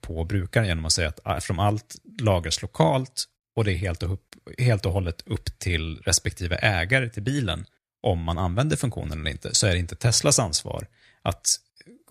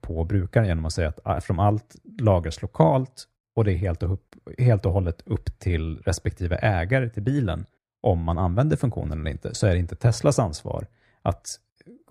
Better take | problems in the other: first | muffled; slightly; fading above 2 kHz

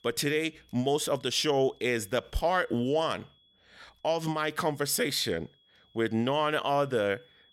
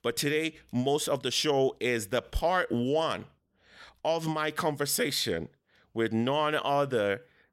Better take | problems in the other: second | high-pitched whine; faint; throughout; 3.5 kHz, 35 dB below the speech

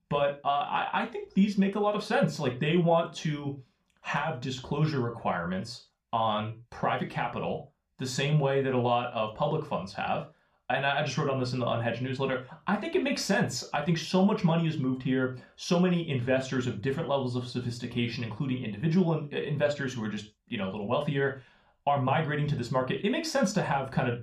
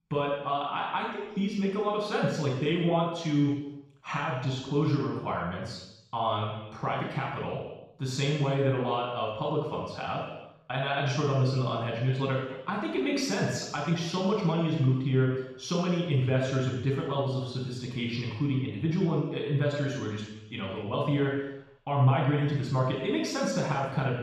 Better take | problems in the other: first | room echo; strong; dies away in 0.9 s; slight in the first // off-mic speech; far

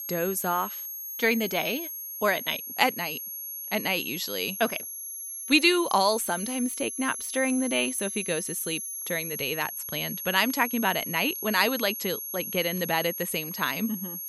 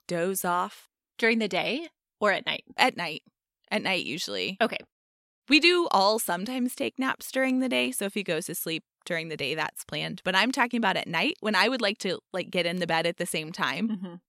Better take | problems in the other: second | high-pitched whine; loud; throughout; 11.5 kHz, 6 dB below the speech

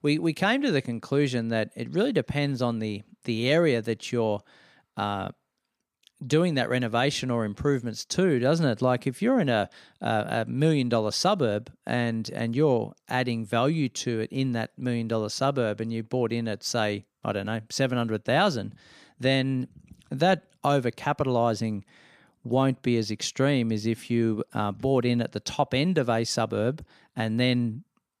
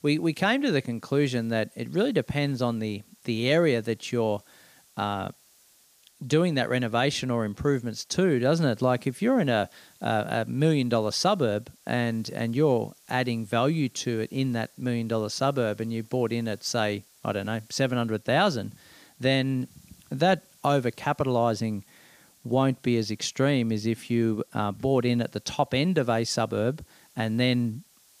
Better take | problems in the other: first | hiss; faint; throughout; 30 dB below the speech

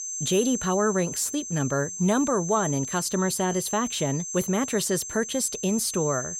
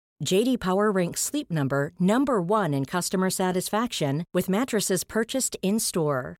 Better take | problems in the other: second | high-pitched whine; loud; throughout; 6 kHz, 6 dB below the speech

